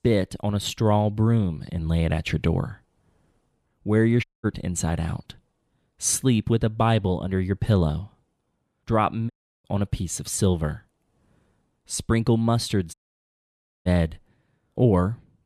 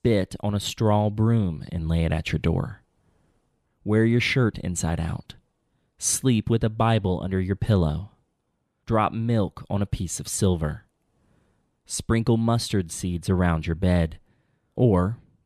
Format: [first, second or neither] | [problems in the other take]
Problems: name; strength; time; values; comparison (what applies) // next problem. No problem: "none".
second | audio cutting out; at 4 s, at 9.5 s and at 13 s for 1 s